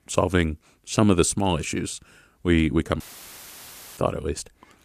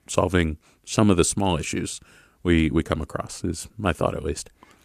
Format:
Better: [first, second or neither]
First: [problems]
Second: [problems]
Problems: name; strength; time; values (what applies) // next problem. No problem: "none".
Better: second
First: audio cutting out; filled with static; at 3 s for 1 s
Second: none